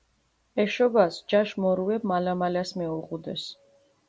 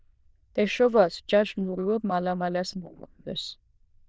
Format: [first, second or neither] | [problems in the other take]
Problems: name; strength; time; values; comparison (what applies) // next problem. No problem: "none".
first | noise reduction (neural diffusion model UNIVERSE++)